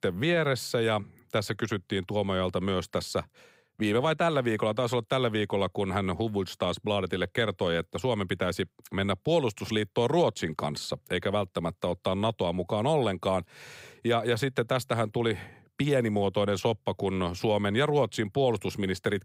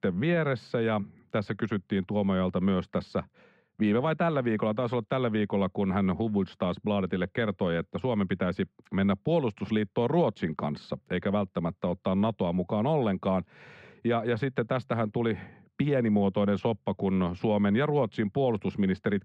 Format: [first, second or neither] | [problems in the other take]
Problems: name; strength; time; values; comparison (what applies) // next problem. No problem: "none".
first | muffled; slightly; fading above 2.5 kHz